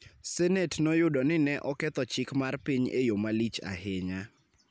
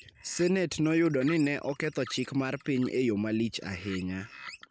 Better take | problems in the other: first | noise reduction (neural mask model Resemble Enhance denoiser)

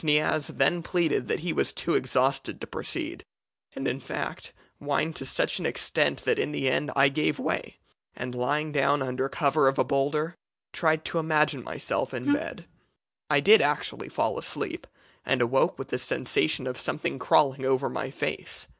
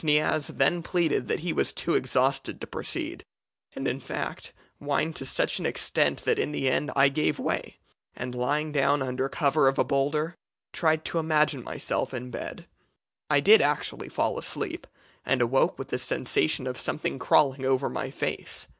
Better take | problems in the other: second | background sound (Wind instrument, woodwind instrument); 2 dB below the speech

